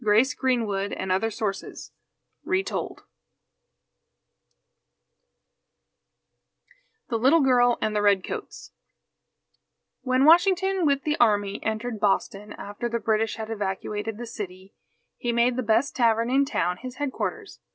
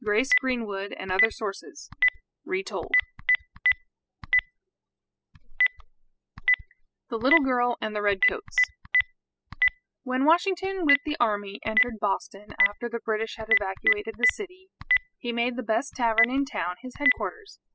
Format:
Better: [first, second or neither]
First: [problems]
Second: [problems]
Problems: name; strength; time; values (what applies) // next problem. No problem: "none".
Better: first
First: none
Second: noise reduction (classical method spectral subtraction)